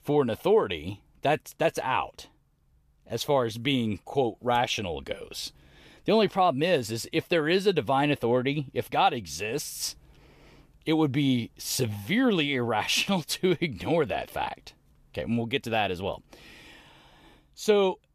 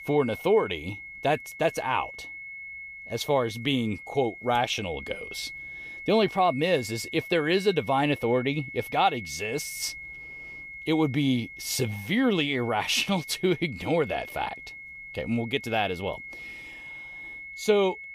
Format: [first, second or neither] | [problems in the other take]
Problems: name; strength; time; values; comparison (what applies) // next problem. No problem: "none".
first | high-pitched whine; noticeable; throughout; 2 kHz, 10 dB below the speech